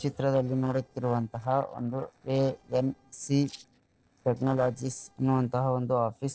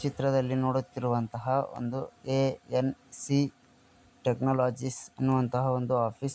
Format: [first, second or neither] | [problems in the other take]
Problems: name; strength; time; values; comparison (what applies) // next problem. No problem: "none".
second | noise reduction (neural separator model SepFormer DNS4)